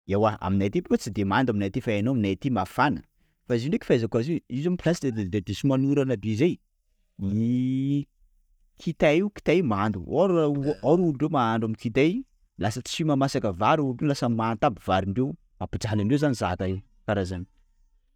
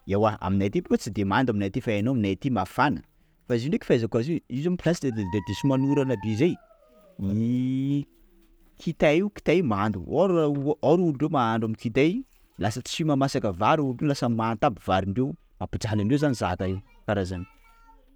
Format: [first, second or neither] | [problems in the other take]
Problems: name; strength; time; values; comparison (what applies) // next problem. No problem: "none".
second | noise reduction (neural mask model DeepFilterNet 3)